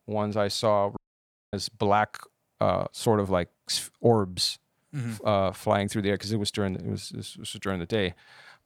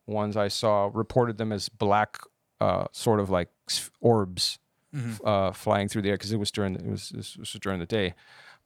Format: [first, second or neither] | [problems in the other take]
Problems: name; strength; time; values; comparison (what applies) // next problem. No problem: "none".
second | audio cutting out; at 1 s for 0.5 s